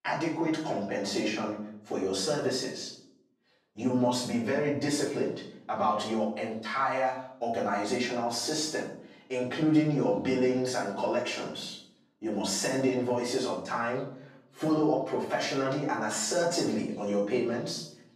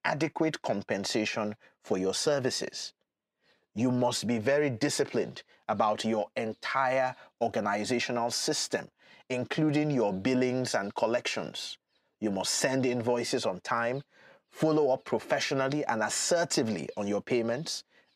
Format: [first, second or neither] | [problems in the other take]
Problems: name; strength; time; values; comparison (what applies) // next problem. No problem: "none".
second | room echo; noticeable; dies away in 0.6 s // off-mic speech; far